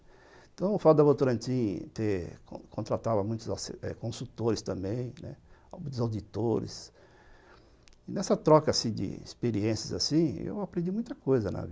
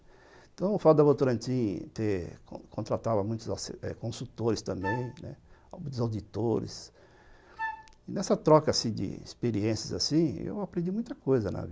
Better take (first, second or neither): first